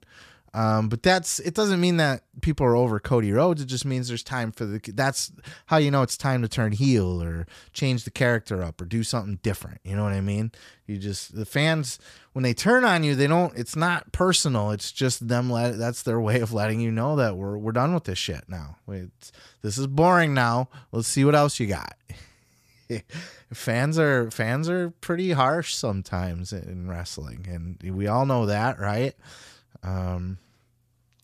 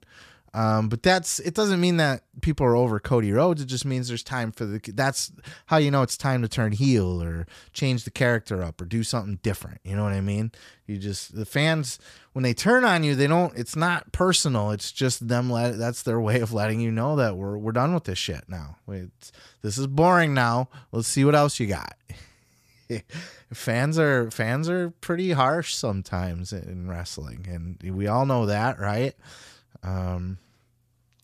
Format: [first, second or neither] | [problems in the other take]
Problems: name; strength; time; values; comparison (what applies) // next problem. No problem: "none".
neither | none